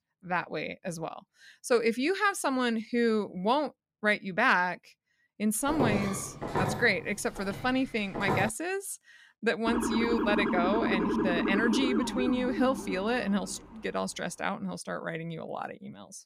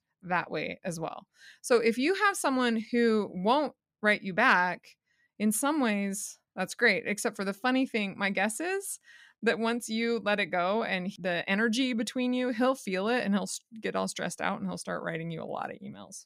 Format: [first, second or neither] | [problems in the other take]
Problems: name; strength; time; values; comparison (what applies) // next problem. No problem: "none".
second | footsteps; loud; from 5.5 to 8.5 s; peak level with the speech // siren; loud; from 9.5 to 14 s; peak 1 dB above the speech